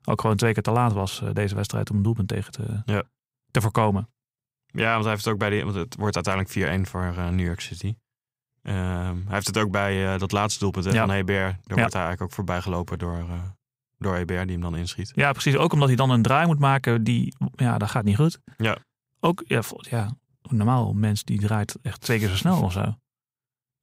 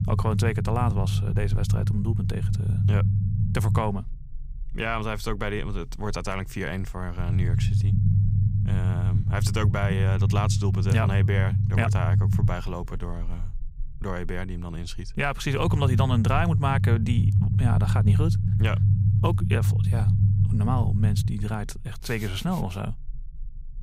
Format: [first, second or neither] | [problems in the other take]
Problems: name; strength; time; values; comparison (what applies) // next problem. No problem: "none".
first | low rumble; loud; throughout; 6 dB below the speech